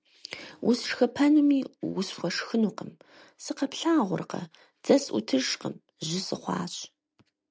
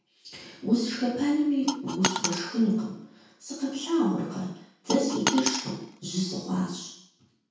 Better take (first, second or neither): first